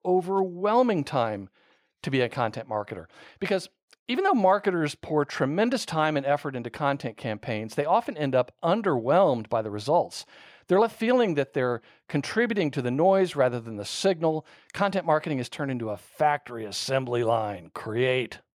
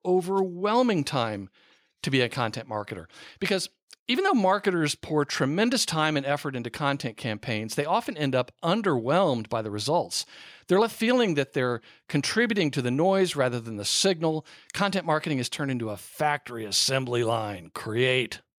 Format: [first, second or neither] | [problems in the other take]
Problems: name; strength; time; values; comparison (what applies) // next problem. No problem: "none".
second | muffled; slightly; fading above 3 kHz